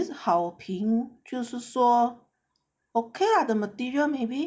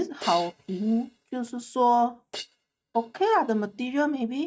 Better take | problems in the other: first | noise reduction (neural mask model RNNoise)

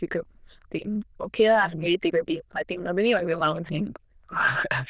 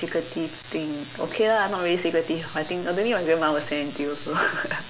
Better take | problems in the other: second | noise reduction (neural diffusion model UNIVERSE++)

